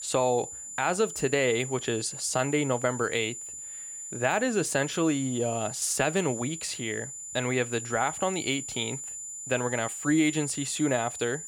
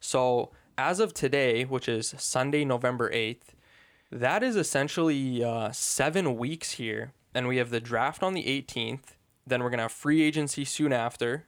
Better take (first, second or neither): second